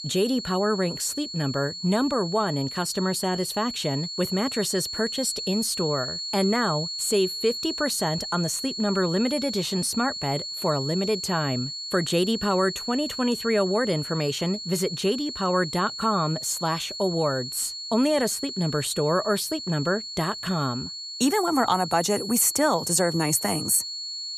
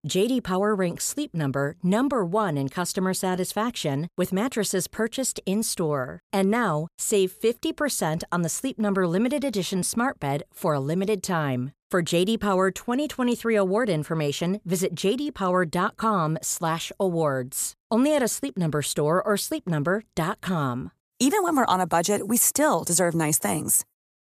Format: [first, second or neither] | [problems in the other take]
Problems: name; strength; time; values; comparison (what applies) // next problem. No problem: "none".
second | high-pitched whine; loud; throughout; 4.5 kHz, 6 dB below the speech